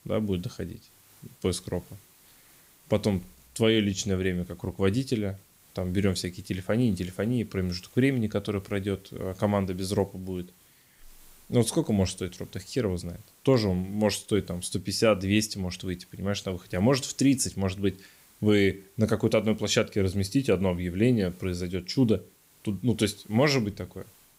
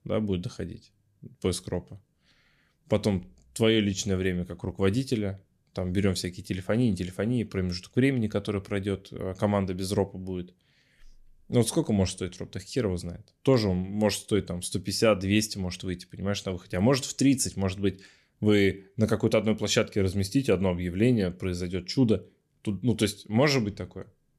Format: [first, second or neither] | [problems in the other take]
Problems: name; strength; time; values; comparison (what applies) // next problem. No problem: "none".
second | hiss; faint; throughout; 30 dB below the speech